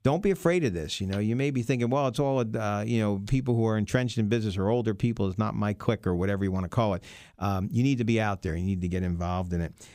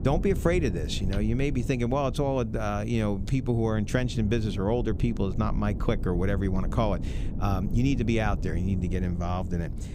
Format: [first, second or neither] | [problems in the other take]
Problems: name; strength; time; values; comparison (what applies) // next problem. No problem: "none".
first | low rumble; noticeable; throughout; 15 dB below the speech